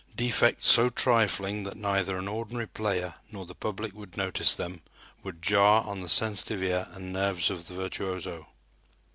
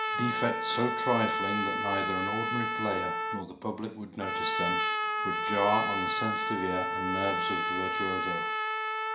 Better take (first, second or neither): first